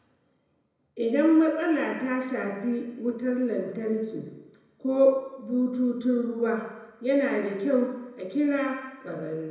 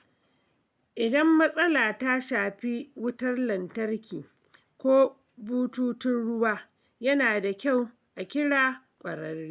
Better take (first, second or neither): second